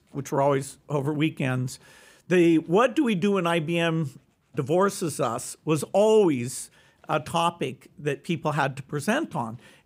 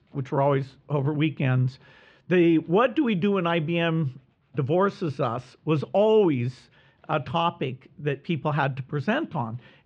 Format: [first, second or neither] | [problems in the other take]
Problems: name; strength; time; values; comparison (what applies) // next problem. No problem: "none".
first | muffled; slightly; fading above 4 kHz